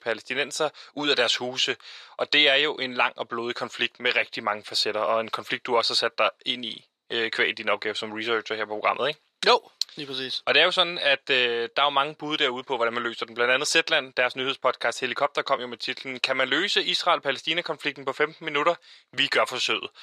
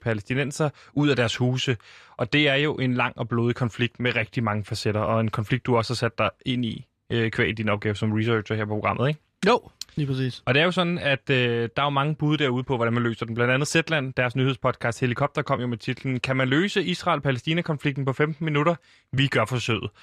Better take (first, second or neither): second